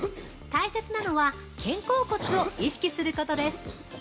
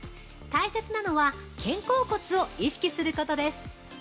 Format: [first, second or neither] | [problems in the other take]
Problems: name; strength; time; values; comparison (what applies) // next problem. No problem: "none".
second | background sound (Cough); 10 dB below the speech